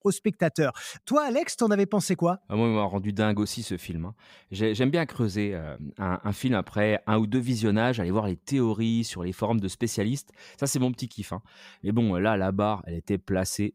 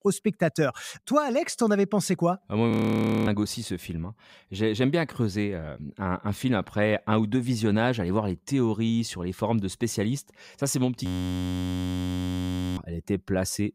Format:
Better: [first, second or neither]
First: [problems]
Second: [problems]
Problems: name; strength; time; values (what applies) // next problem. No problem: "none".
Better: first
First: none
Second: audio freezing; at 2.5 s for 0.5 s and at 11 s for 1.5 s